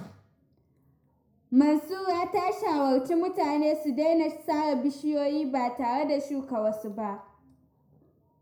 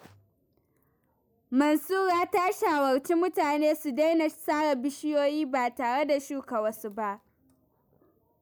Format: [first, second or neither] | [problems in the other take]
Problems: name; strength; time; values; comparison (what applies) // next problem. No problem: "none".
second | room echo; dies away in 0.5 s